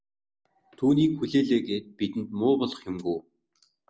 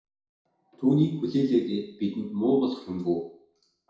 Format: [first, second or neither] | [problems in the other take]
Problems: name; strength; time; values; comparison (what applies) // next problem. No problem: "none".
first | room echo; dies away in 0.6 s